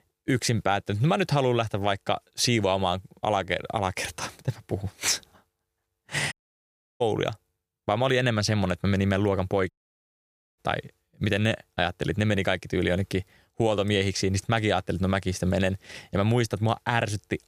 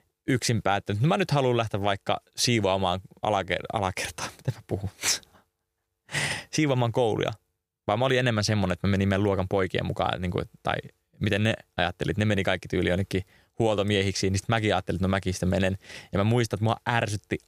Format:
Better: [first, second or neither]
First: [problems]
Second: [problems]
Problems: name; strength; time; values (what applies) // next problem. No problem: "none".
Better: second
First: audio cutting out; at 6.5 s for 0.5 s and at 9.5 s for 1 s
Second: none